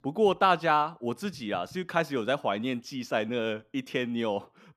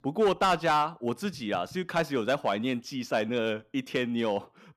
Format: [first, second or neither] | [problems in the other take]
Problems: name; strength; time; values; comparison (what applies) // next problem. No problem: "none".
first | distortion; slight; 3% of the sound clipped